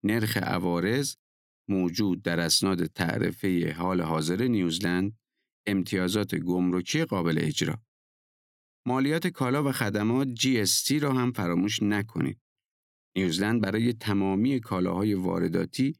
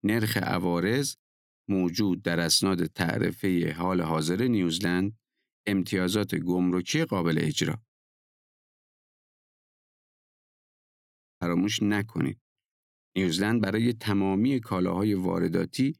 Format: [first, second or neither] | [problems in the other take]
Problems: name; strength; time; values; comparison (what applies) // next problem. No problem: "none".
first | audio cutting out; at 8.5 s for 2.5 s